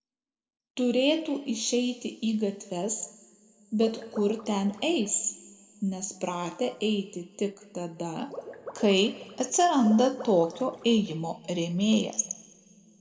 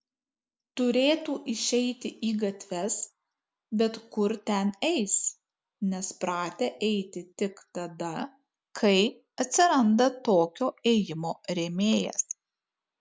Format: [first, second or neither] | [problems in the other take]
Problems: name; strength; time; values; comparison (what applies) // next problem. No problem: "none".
second | background sound (Water / Liquid); 15 dB below the speech // room echo; dies away in 1.4 s